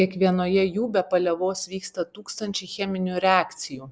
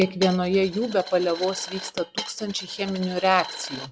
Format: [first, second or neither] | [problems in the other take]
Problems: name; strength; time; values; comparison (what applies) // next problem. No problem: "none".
first | background sound (Coin (dropping)); 12 dB below the speech